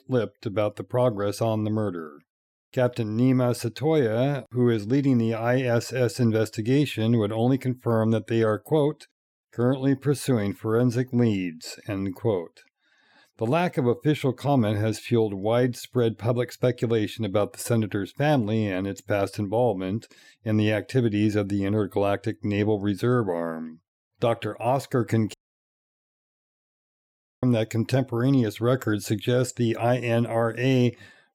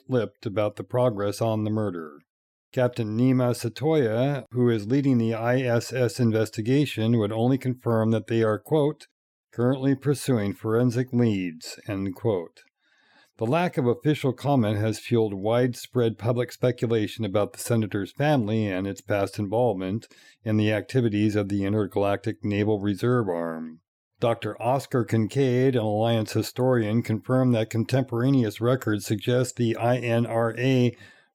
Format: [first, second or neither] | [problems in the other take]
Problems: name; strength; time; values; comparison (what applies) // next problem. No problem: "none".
second | audio cutting out; at 25 s for 2 s